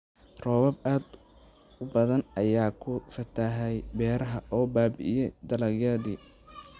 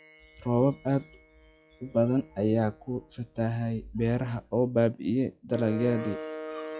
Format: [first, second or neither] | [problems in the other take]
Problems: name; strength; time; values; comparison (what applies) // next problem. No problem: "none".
first | noise reduction (classical method log-MMSE)